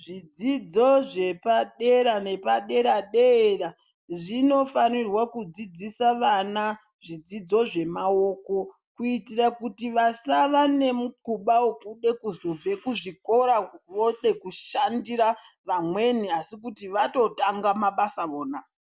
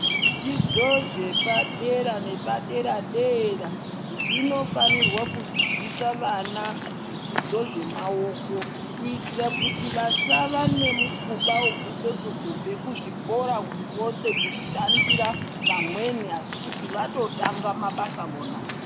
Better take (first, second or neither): first